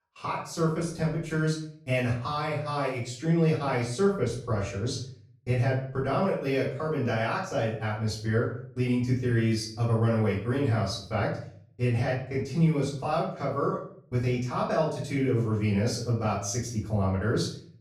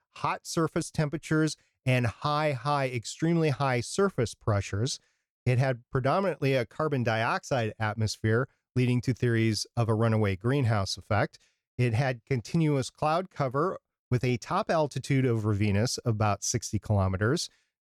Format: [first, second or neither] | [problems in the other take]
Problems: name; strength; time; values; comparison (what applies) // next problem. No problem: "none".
second | room echo; noticeable; dies away in 0.5 s // off-mic speech; far